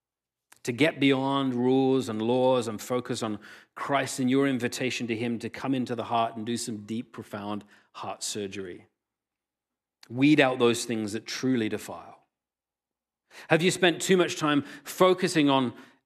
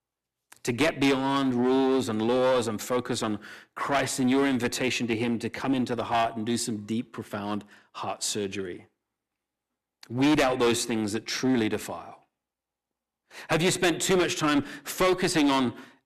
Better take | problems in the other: first | distortion; heavy; 9% of the sound clipped

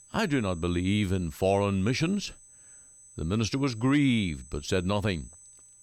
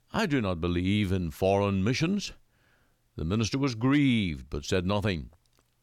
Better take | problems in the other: second | high-pitched whine; faint; throughout; 8 kHz, 20 dB below the speech

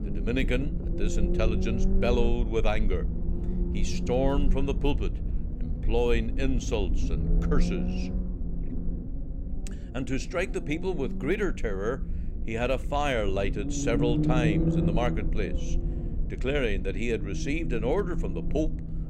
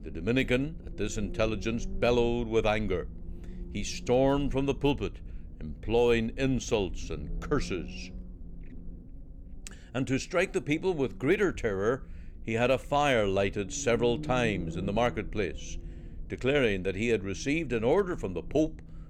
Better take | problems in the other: second | low rumble; loud; throughout; 9 dB below the speech; faint in the second

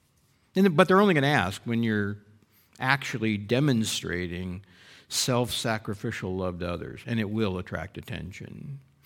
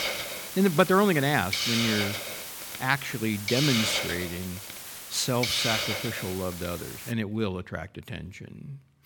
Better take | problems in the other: first | hiss; loud; until 7 s; 3 dB below the speech

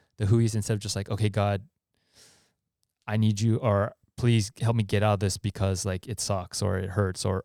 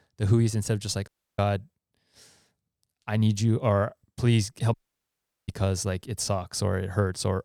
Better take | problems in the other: first | audio cutting out; at 1 s and at 4.5 s for 0.5 s

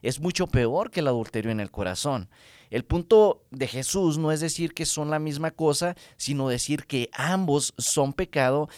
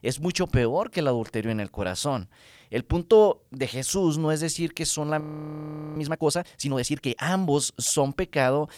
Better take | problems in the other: first | audio freezing; at 5 s for 1 s

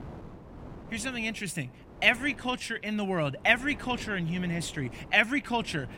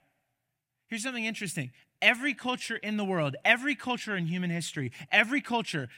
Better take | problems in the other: second | wind noise on the microphone; occasional gusts; 25 dB below the speech

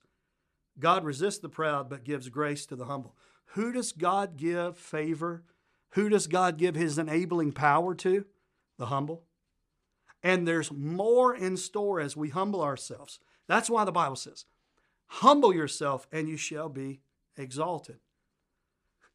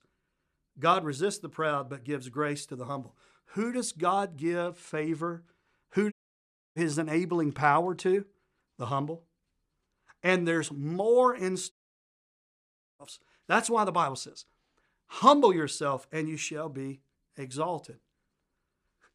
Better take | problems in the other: first | audio cutting out; at 6 s for 0.5 s and at 12 s for 1.5 s

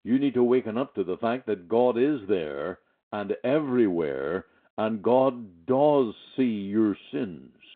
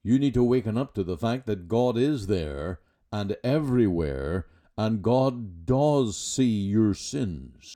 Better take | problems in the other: second | phone-call audio; nothing above 3.5 kHz

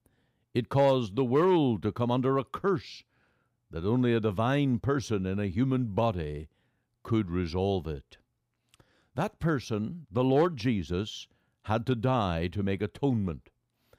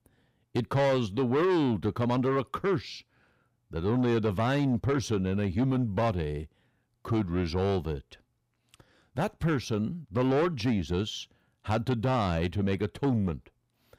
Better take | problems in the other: first | distortion; slight; 10 dB below the speech

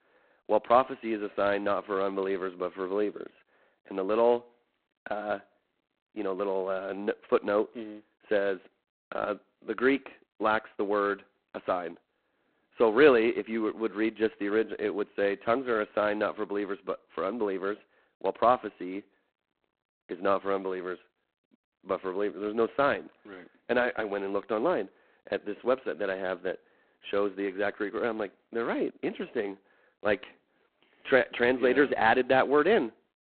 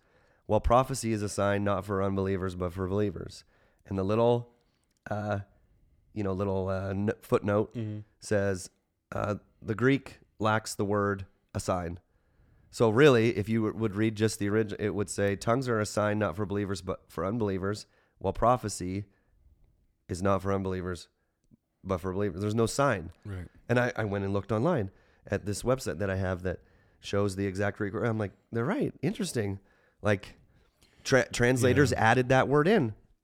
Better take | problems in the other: second | phone-call audio; poor line; nothing above 4 kHz

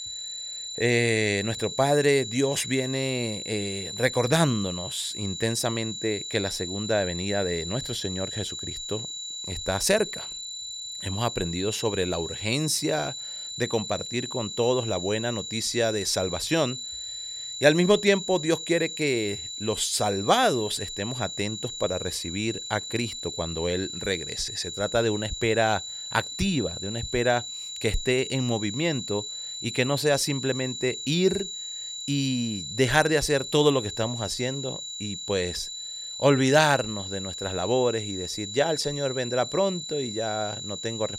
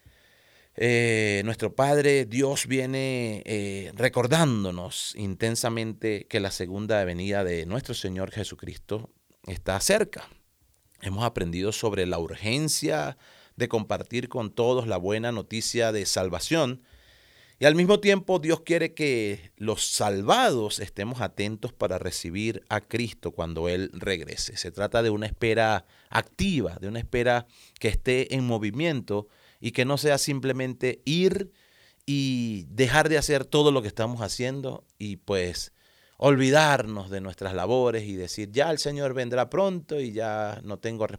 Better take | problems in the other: second | high-pitched whine; loud; throughout; 4 kHz, 7 dB below the speech

